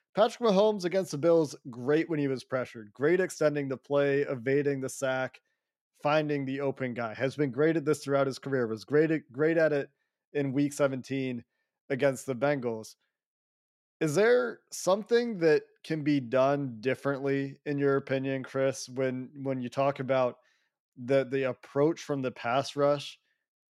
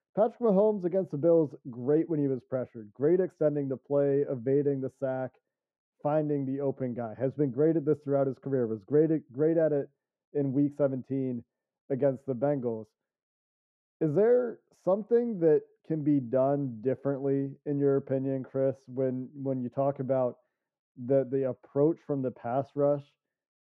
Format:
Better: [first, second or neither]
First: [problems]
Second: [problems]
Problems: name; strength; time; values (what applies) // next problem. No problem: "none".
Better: first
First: none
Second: muffled; very; fading above 1.5 kHz